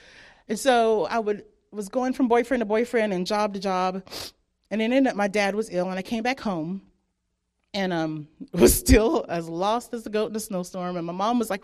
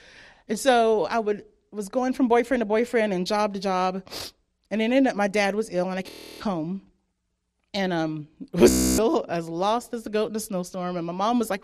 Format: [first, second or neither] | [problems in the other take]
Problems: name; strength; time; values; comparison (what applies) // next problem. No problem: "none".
first | audio freezing; at 6 s and at 8.5 s